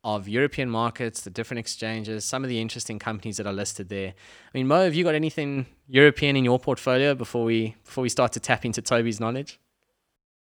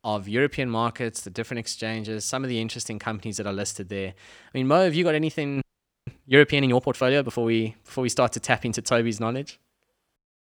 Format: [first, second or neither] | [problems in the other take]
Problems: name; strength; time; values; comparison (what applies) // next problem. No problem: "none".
first | audio freezing; at 5.5 s